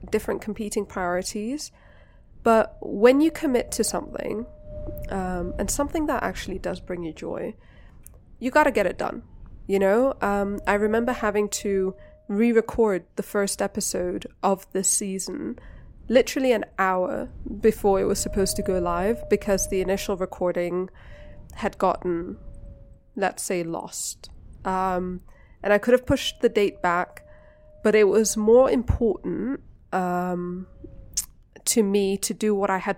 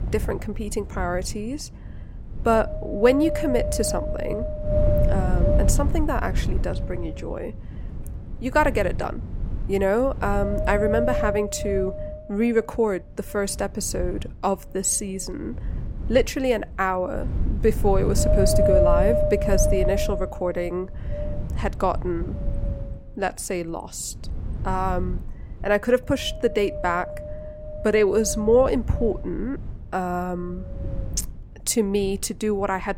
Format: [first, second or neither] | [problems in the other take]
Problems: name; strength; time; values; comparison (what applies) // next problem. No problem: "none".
first | wind noise on the microphone; heavy; 2 dB below the speech; occasional gusts in the first